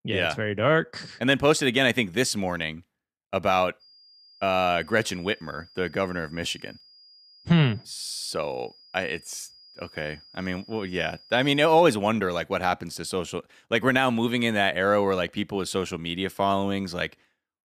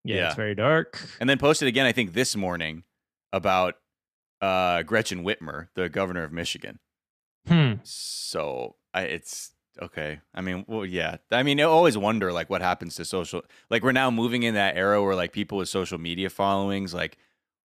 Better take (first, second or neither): second